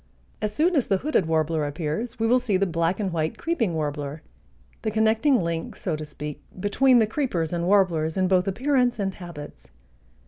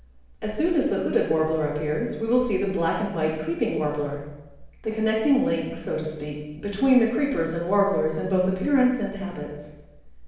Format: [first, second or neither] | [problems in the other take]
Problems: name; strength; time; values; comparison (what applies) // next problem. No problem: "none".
first | room echo; dies away in 0.9 s